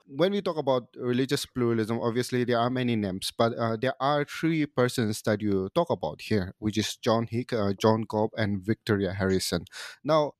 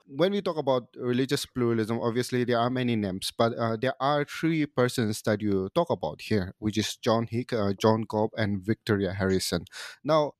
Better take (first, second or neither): neither